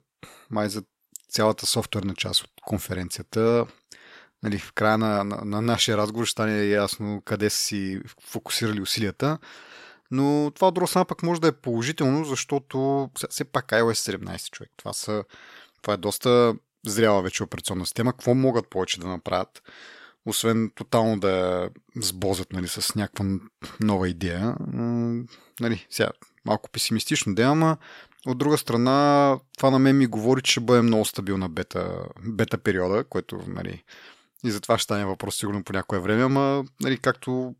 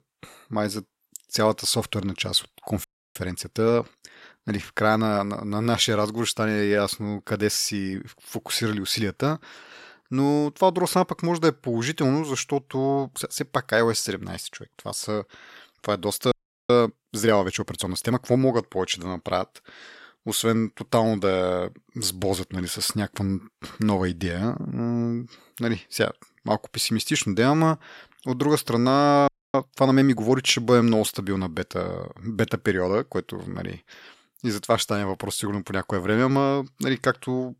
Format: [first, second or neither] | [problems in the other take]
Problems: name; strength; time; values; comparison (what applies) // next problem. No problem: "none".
first | audio freezing; at 3 s, at 16 s and at 29 s